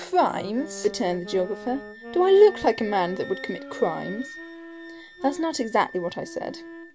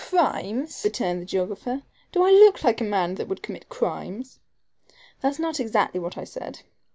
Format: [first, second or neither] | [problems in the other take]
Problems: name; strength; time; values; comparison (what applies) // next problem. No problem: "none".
second | background sound (Wind instrument, woodwind instrument + Wind instrument, woodwind instrument); 15 dB below the speech